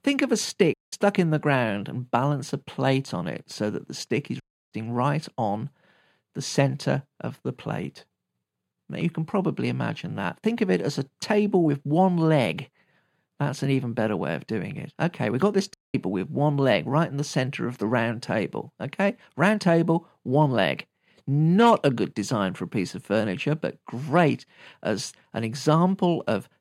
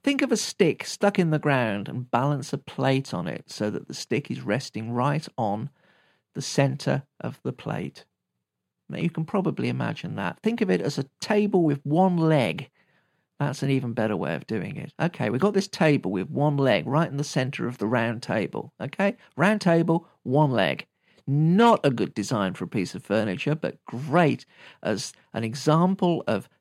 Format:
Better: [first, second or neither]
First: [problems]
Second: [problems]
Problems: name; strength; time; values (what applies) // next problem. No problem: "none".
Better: second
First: audio cutting out; at 0.5 s, at 4.5 s and at 16 s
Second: none